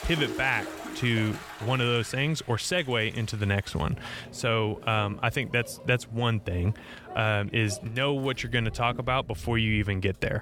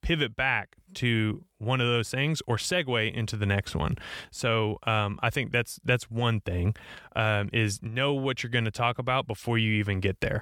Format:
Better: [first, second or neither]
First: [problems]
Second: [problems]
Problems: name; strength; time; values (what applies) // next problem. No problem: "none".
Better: second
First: household noises; noticeable; throughout; 15 dB below the speech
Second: none